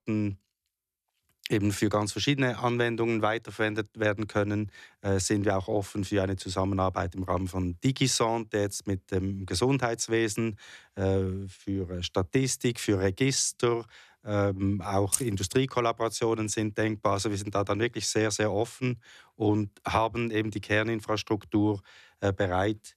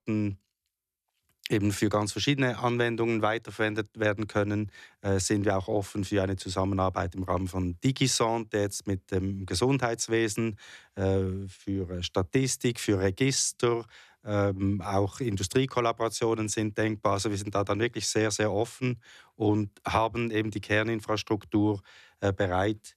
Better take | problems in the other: second | jangling keys; very faint; at 15 s; peak 1 dB below the speech

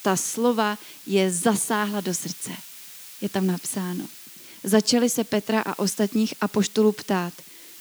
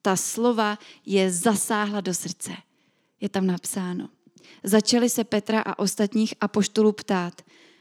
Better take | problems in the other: second | hiss; noticeable; throughout; 15 dB below the speech

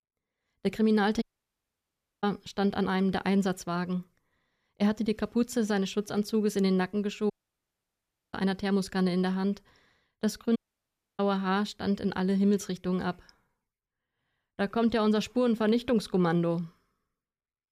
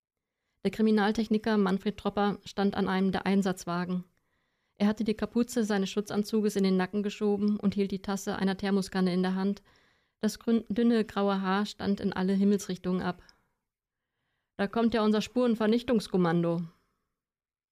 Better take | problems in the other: second | audio cutting out; at 1 s for 1 s, at 7.5 s for 1 s and at 11 s for 0.5 s

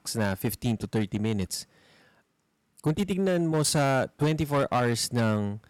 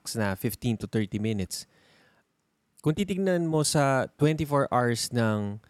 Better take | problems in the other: second | distortion; slight; 7% of the sound clipped

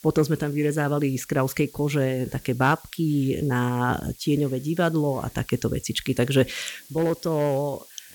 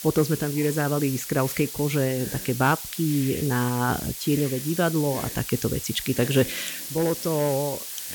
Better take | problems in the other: first | hiss; loud; throughout; 7 dB below the speech; faint in the first

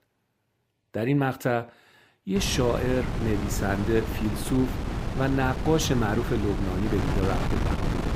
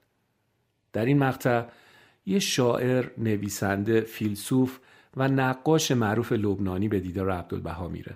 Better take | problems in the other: second | wind noise on the microphone; faint; from 2.5 s on; 6 dB below the speech

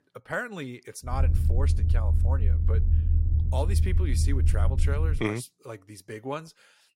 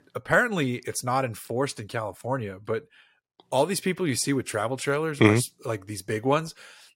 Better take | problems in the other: second | low rumble; loud; from 1 to 5 s; 7 dB below the speech

